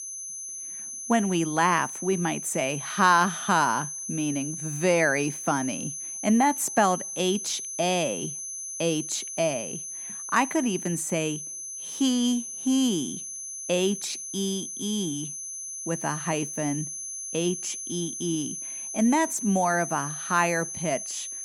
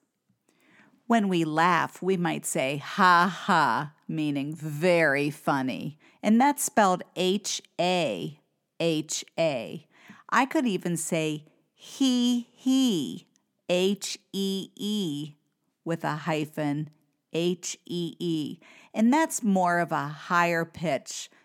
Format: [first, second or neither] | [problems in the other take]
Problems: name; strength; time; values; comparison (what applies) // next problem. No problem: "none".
second | high-pitched whine; loud; throughout; 6 kHz, 7 dB below the speech